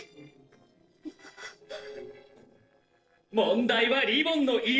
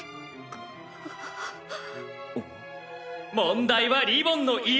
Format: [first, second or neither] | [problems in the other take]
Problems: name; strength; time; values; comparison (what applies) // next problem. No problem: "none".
second | noise reduction (neural separator model SepFormer DNS4)